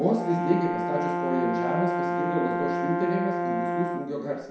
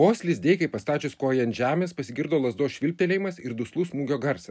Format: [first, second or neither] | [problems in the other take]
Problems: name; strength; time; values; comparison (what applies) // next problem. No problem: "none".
second | background sound (Brass instrument); 1 dB above the speech // room echo; dies away in 0.7 s